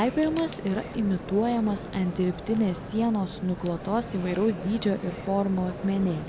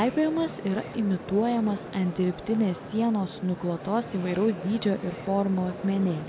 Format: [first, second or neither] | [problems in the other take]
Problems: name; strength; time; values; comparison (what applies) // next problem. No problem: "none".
second | background sound (Fire); 16 dB below the speech